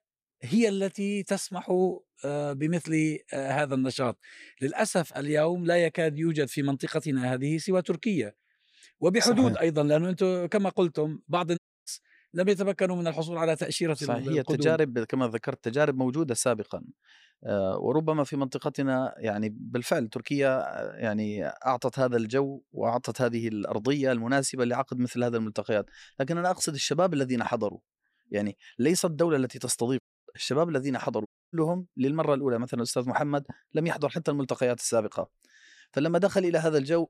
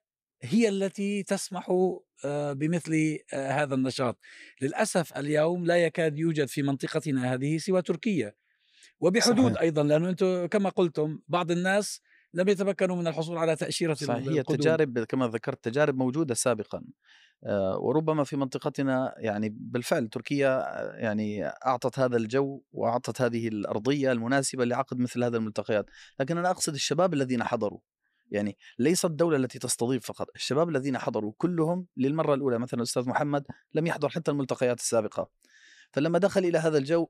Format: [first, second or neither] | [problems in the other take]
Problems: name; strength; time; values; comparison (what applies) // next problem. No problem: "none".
second | audio cutting out; at 12 s, at 30 s and at 31 s